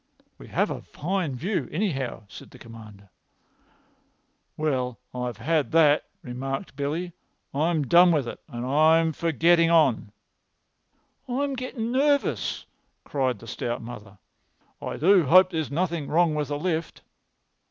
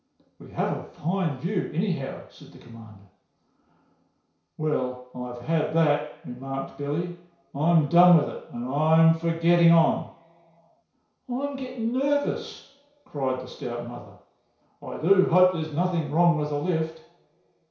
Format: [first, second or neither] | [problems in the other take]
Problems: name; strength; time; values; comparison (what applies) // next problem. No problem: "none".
first | room echo; dies away in 0.6 s